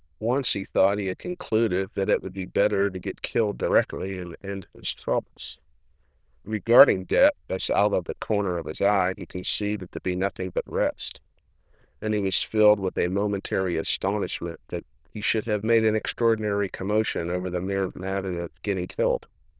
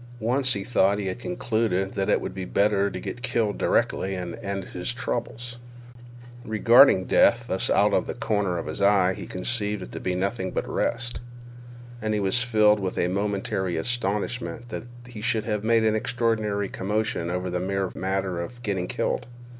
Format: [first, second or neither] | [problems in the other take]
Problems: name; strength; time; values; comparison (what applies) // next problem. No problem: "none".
second | noise reduction (neural diffusion model UNIVERSE++)